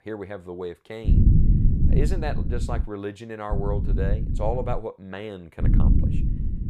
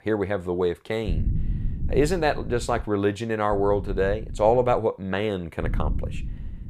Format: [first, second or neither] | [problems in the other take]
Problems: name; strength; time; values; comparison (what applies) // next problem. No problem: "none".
second | low rumble; loud; from 1 to 3 s, from 3.5 to 5 s and from 5.5 s on; 4 dB below the speech; faint in the second